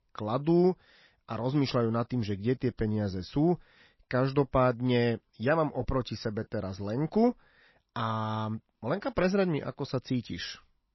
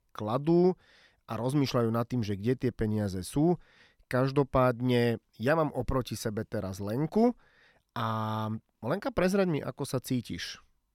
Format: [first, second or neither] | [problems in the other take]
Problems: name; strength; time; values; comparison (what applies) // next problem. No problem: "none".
second | garbled, watery; slightly; nothing above 5.5 kHz